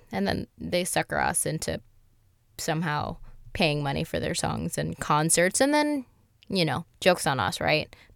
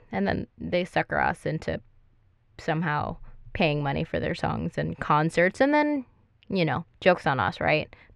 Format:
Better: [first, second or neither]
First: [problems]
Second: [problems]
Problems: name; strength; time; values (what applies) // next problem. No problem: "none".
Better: first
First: none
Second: muffled; slightly; fading above 2 kHz